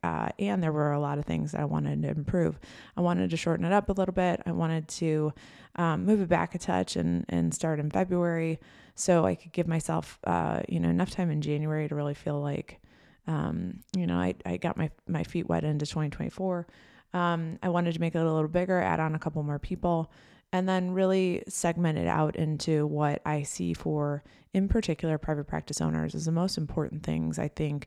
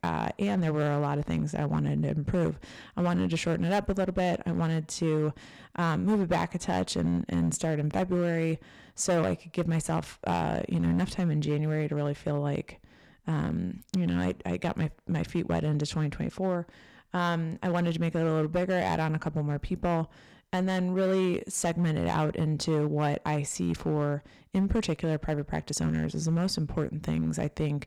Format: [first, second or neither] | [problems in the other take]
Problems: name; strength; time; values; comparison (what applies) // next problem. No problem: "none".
first | distortion; slight; 7% of the sound clipped